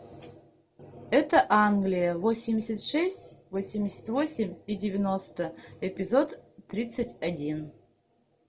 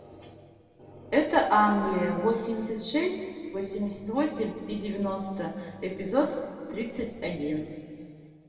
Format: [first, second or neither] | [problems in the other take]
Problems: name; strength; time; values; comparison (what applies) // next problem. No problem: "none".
first | room echo; dies away in 2.1 s